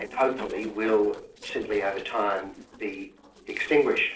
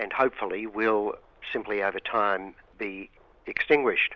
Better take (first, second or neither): second